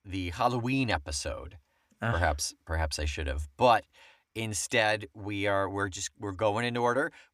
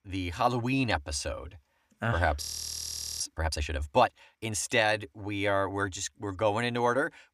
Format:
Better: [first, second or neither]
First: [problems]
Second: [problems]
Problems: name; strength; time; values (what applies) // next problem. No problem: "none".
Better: first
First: none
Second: audio freezing; at 2.5 s for 1 s